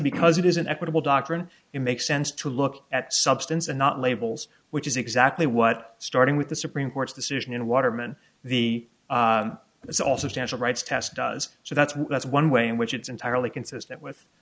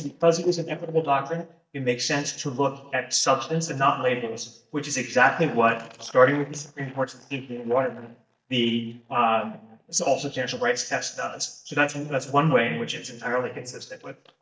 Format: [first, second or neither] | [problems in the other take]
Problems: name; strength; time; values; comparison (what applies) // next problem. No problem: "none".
first | noise reduction (neural mask model DeepFilterNet 3)